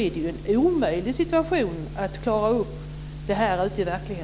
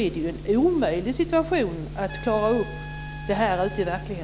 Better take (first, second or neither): first